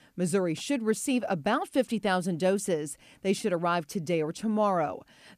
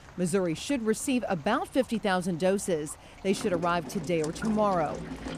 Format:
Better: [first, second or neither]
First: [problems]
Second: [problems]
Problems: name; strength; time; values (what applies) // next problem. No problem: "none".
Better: first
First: none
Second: rain or running water; noticeable; throughout; 15 dB below the speech